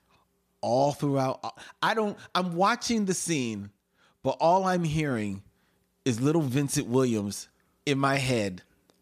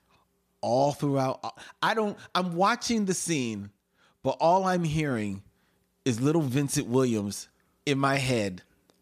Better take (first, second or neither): neither